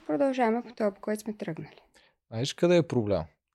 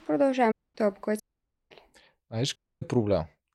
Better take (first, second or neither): first